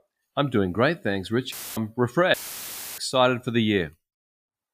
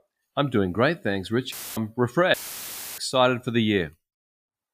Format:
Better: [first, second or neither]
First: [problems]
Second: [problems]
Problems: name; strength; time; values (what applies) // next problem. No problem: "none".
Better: neither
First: audio cutting out; filled with static; at 1.5 s and at 2.5 s for 0.5 s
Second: audio cutting out; filled with static; at 1.5 s and at 2.5 s for 0.5 s